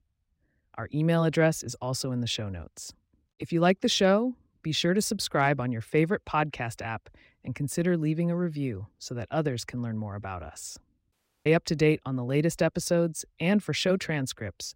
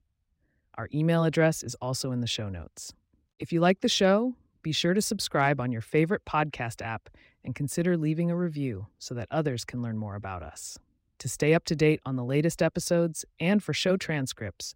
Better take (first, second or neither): second